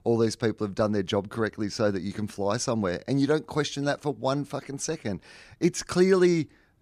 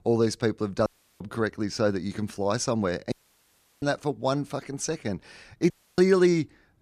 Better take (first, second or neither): first